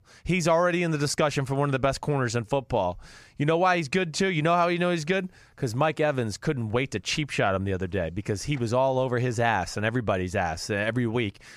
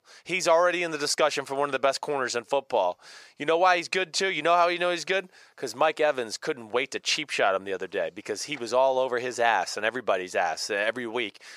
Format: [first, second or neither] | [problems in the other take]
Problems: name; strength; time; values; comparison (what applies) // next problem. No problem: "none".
first | thin; very; fading below 500 Hz